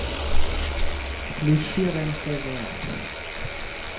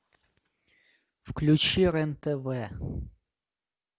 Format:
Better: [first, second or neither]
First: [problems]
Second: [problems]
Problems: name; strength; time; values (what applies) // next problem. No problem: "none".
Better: second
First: background sound (Bicycle); 4 dB above the speech // room echo; dies away in 0.6 s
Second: none